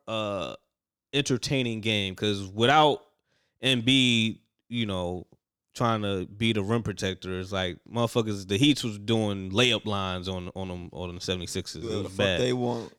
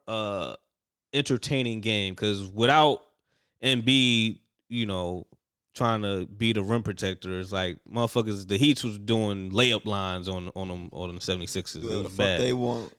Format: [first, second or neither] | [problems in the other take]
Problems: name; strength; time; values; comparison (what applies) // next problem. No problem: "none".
first | garbled, watery; slightly; nothing above 19 kHz